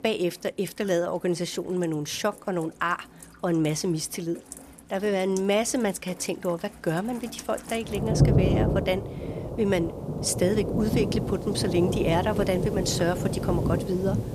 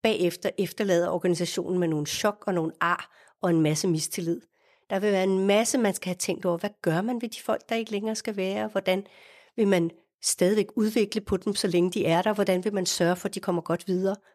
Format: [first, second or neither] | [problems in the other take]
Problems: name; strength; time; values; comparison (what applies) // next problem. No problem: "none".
second | rain or running water; loud; throughout; 1 dB below the speech